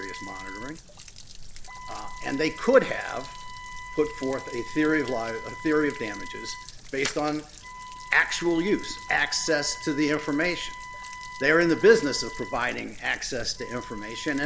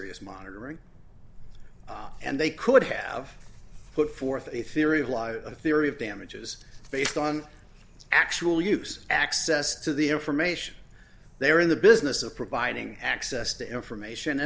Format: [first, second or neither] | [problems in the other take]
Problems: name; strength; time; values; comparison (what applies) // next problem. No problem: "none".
second | background sound (Wind instrument, woodwind instrument + Stream / Trickle, dribble / Splash, splatter); 13 dB below the speech